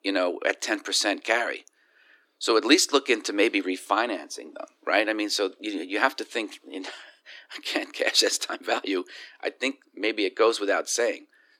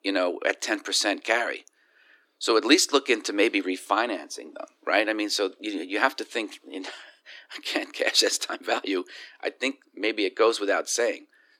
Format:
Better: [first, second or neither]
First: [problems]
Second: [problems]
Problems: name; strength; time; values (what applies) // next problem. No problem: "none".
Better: neither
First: thin; very slightly; fading below 300 Hz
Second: thin; very slightly; fading below 300 Hz